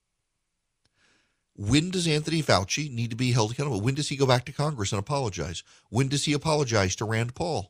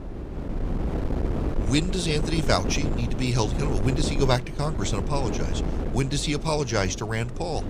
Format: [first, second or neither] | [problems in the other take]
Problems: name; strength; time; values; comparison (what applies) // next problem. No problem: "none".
first | wind noise on the microphone; heavy; 8 dB below the speech